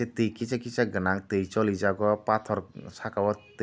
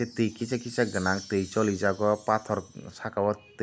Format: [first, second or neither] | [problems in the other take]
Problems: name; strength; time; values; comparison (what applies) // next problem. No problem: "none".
first | background sound (Wind chime); 20 dB below the speech